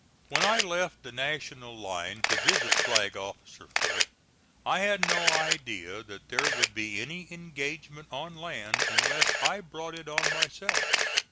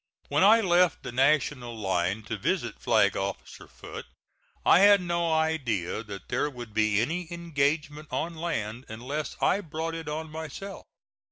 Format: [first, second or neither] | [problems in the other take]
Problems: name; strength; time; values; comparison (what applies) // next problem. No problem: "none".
second | background sound (Camera); 4 dB above the speech